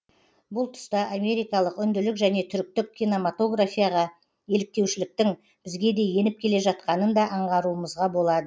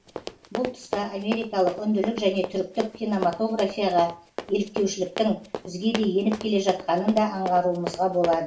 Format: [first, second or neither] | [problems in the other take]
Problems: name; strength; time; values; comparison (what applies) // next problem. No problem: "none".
first | background sound (Run); 11 dB below the speech // room echo; dies away in 0.4 s